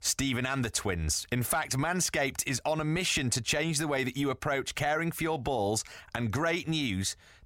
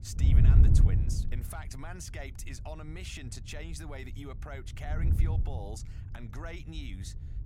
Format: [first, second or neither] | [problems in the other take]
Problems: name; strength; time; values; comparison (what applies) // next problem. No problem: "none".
first | wind noise on the microphone; heavy; 2 dB above the speech